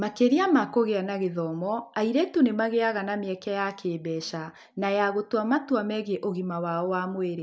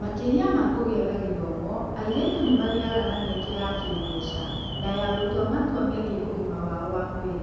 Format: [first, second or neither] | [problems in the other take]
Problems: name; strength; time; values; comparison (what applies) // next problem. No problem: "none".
first | background sound (Alarm); 6 dB below the speech // room echo; dies away in 1.2 s